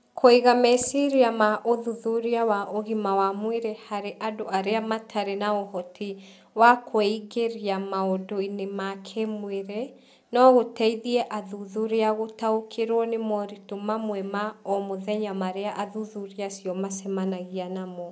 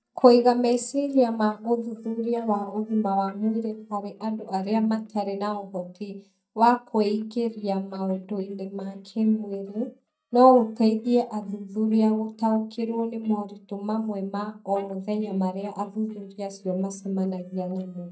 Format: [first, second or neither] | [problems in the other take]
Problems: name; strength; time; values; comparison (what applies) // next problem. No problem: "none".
first | noise reduction (neural mask model DeepFilterNet 3)